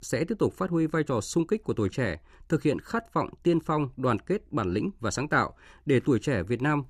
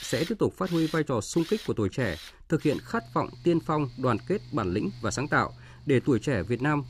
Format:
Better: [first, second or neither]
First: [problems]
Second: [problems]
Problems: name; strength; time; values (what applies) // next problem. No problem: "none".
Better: first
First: none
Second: machinery noise; noticeable; throughout; 15 dB below the speech